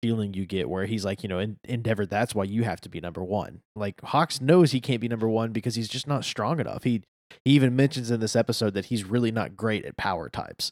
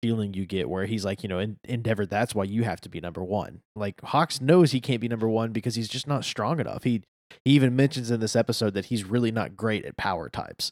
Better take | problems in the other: neither | none

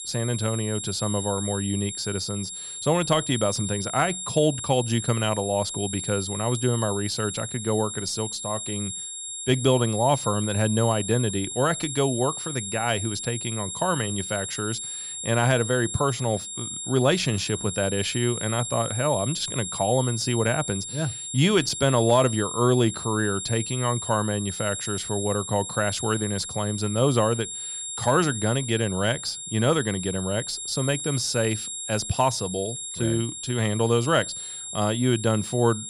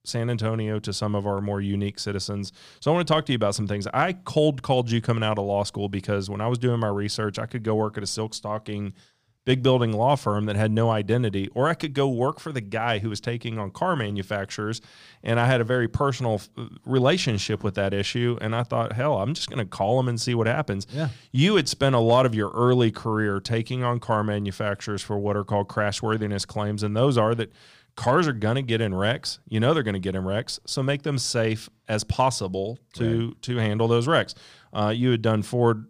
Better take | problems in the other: second | high-pitched whine; loud; throughout; 7.5 kHz, 6 dB below the speech

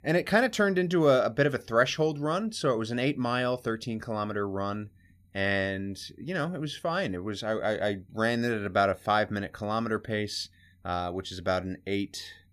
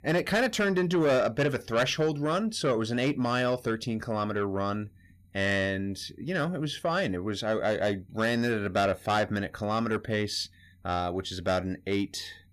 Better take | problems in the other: first | distortion; slight; 10 dB below the speech

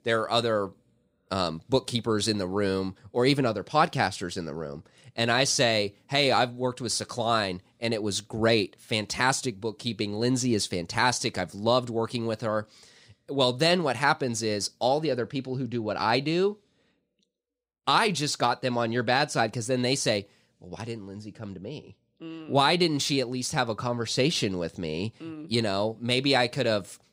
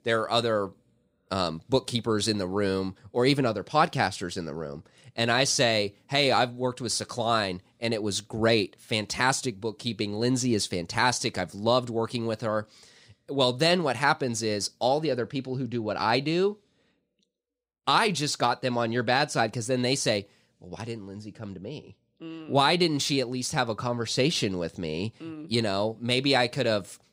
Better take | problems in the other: neither | none

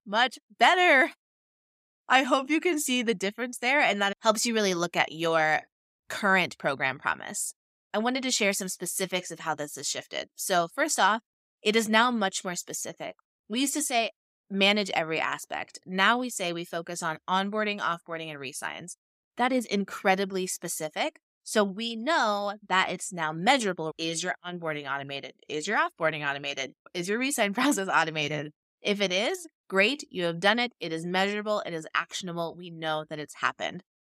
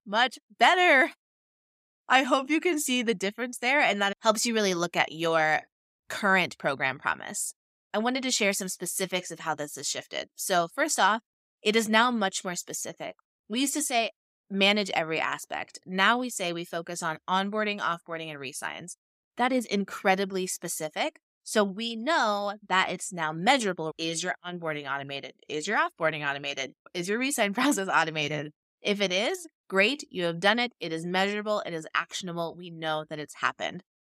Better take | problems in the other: neither | none

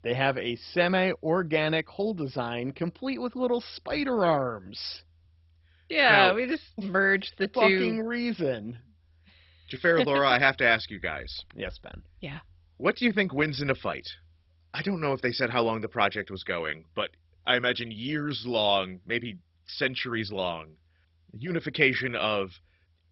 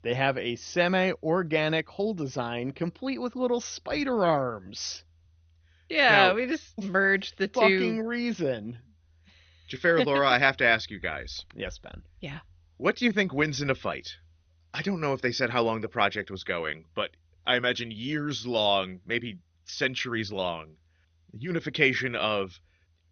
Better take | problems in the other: second | garbled, watery; badly; nothing above 5.5 kHz; slightly in the second

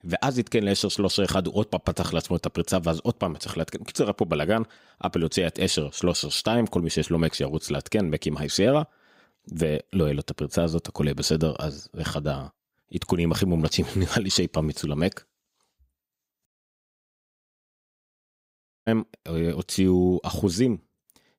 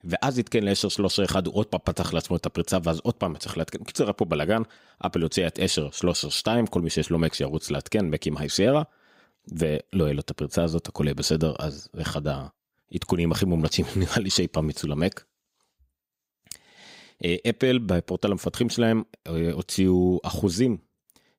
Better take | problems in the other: second | audio cutting out; at 16 s for 2.5 s

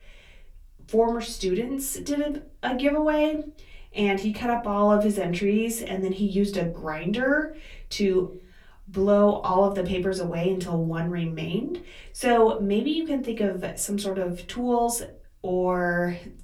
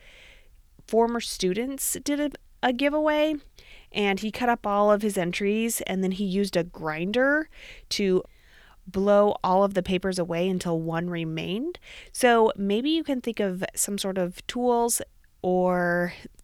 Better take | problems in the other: second | off-mic speech; far // room echo; very slight; dies away in 0.4 s

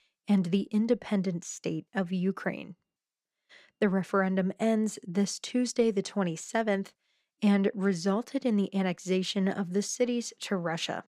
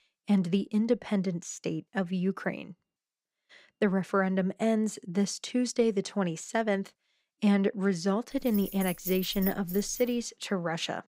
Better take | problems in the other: first | jangling keys; noticeable; from 8.5 to 10 s; peak 7 dB below the speech

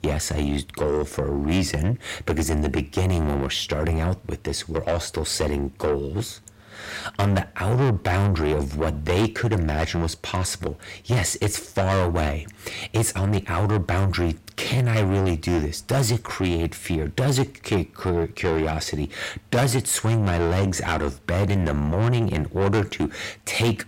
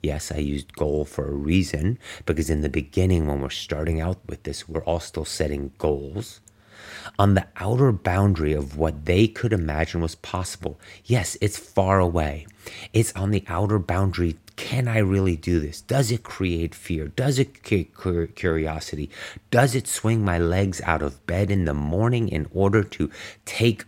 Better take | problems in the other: second | distortion; heavy; 6 dB below the speech

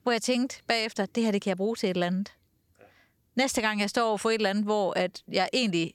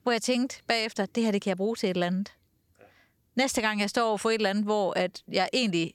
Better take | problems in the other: neither | none

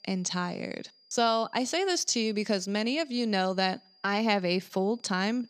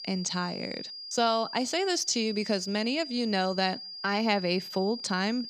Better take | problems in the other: first | high-pitched whine; loud; throughout; 5 kHz, 10 dB below the speech; faint in the first

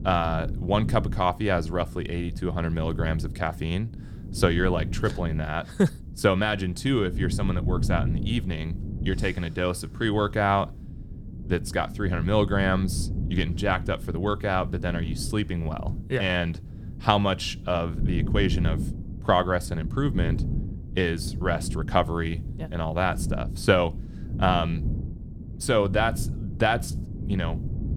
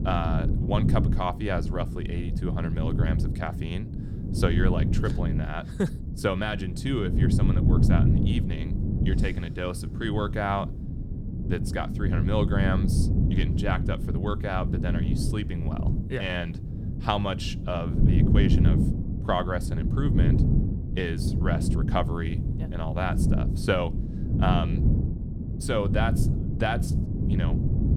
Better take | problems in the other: first | wind noise on the microphone; heavy; 5 dB below the speech; occasional gusts in the first

